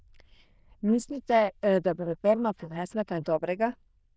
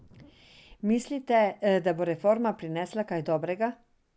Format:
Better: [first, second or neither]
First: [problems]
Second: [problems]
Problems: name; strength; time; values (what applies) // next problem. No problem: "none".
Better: second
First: noise reduction (neural diffusion model UNIVERSE++)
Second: none